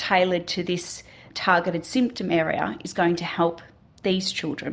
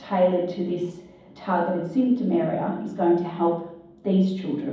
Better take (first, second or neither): first